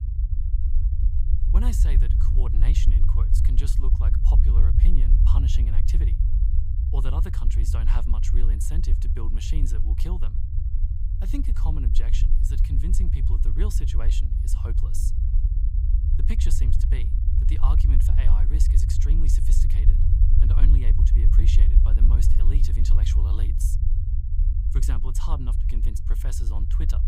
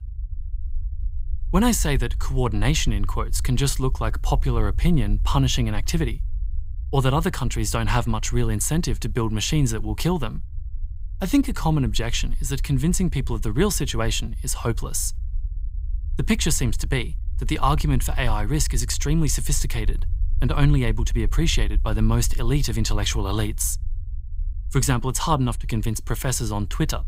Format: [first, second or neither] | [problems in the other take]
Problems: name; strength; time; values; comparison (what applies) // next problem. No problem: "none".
second | low rumble; loud; throughout; 1 dB below the speech; faint in the second